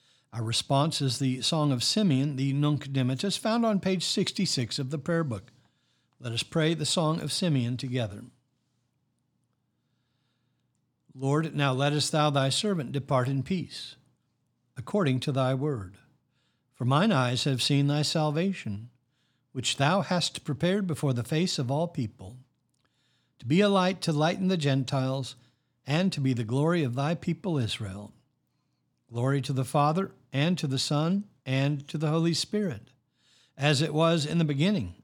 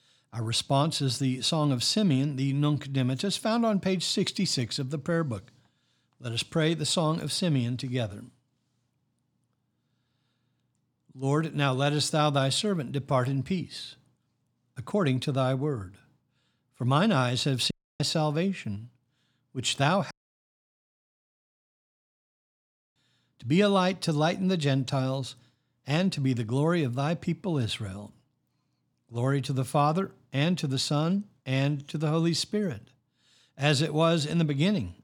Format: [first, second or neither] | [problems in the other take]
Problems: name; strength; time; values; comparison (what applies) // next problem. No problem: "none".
first | audio cutting out; at 18 s and at 20 s for 3 s